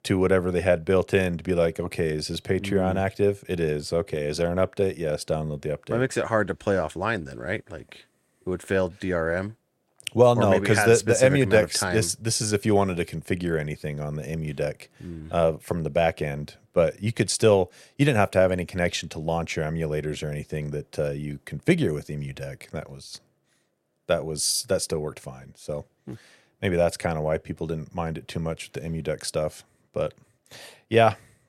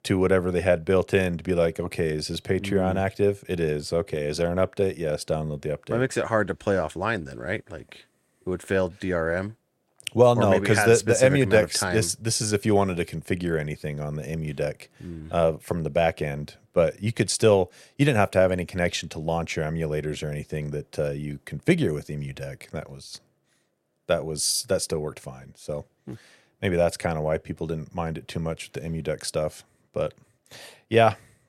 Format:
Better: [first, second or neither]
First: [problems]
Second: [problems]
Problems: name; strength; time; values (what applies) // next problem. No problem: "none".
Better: neither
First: none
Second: none